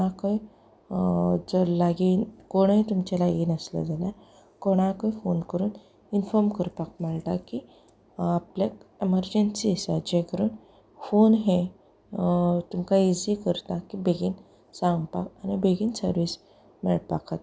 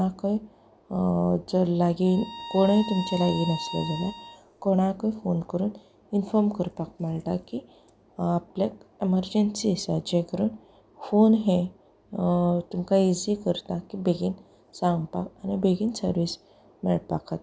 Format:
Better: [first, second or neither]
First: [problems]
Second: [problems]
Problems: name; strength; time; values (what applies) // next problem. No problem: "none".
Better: first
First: none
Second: background sound (Bowed string instrument); 11 dB below the speech